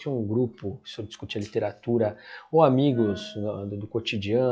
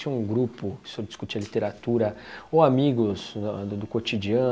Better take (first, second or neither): second